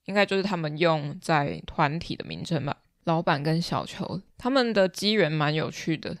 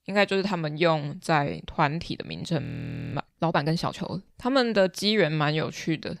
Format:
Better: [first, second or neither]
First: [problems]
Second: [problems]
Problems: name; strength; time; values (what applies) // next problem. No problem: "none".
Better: first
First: none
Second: audio freezing; at 2.5 s for 0.5 s